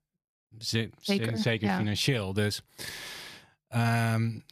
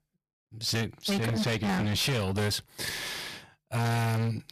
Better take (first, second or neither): first